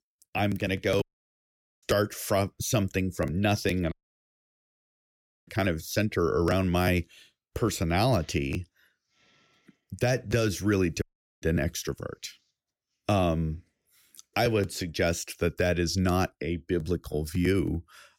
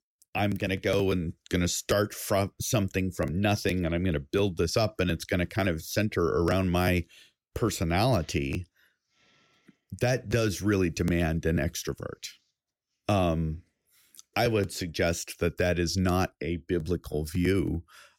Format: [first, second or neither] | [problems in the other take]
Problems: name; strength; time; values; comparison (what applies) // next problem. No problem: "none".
second | audio cutting out; at 1 s for 1 s, at 4 s for 1.5 s and at 11 s